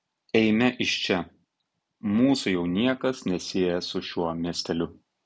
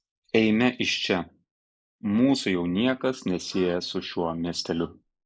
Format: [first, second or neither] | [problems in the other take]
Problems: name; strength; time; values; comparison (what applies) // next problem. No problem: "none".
first | noise reduction (neural mask model Resemble Enhance denoiser)